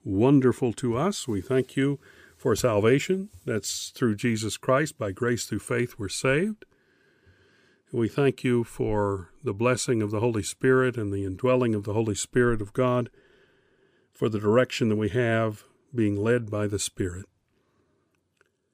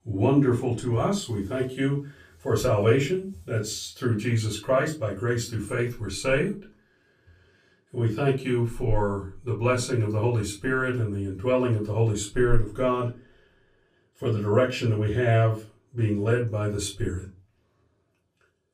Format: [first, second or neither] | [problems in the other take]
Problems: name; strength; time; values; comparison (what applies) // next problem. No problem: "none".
first | off-mic speech; far // room echo; very slight; dies away in 0.2 s